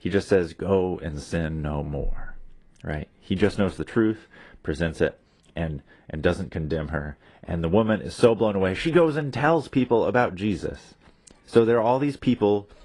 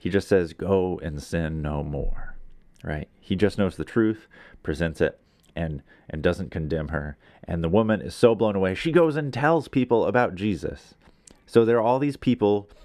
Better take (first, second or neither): second